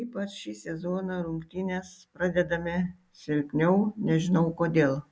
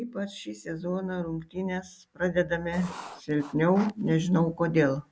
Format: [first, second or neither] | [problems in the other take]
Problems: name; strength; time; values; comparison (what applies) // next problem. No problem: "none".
first | background sound (Writing); 16 dB below the speech